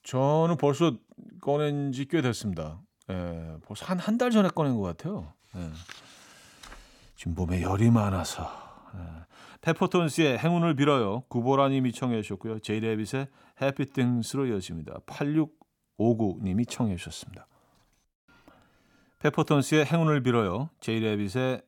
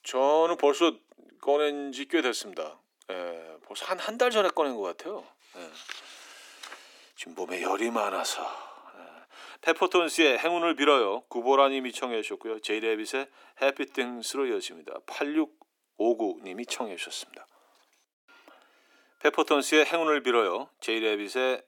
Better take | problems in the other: first | thin; very; fading below 300 Hz

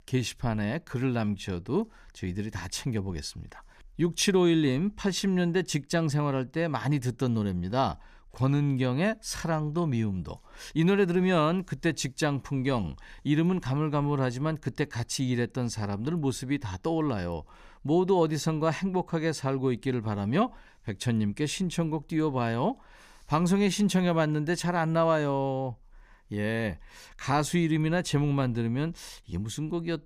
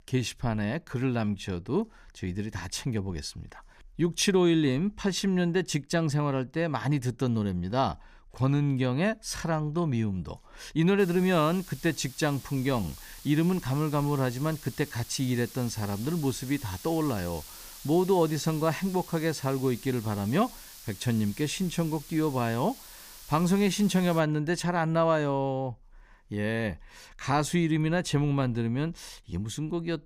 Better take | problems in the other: first | hiss; noticeable; from 11 to 24 s; 15 dB below the speech

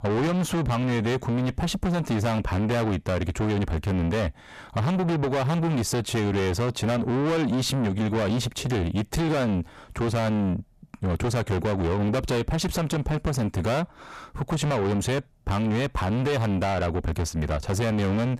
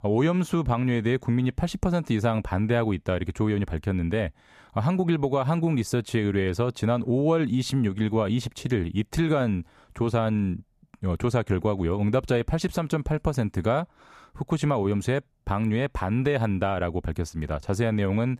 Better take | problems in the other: second | distortion; heavy; 6 dB below the speech

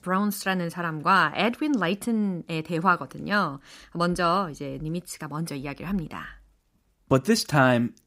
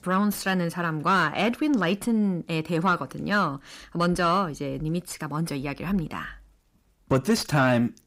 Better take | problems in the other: first | distortion; slight; 10 dB below the speech

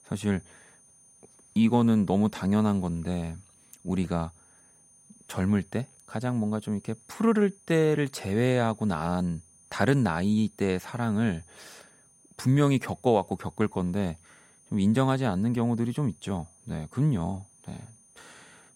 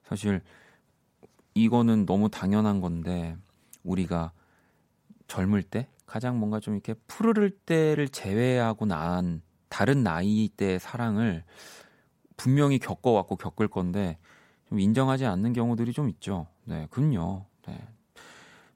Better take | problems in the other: second | high-pitched whine; faint; throughout; 9.5 kHz, 30 dB below the speech

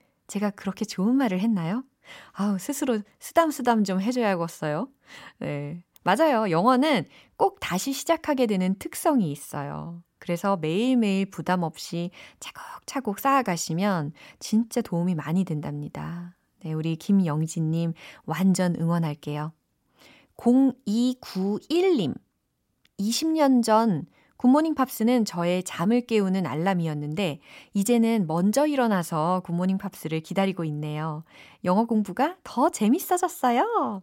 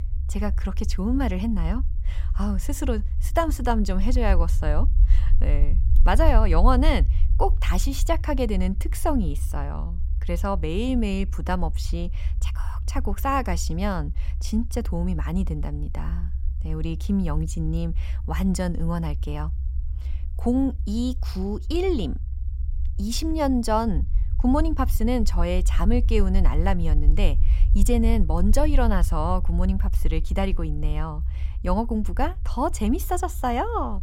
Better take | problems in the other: first | low rumble; noticeable; throughout; 20 dB below the speech

